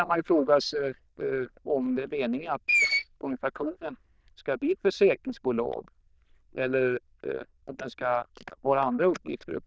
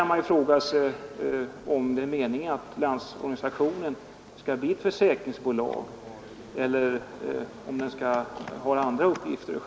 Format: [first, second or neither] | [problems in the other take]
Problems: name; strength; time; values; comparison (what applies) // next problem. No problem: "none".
second | noise reduction (neural diffusion model UNIVERSE++)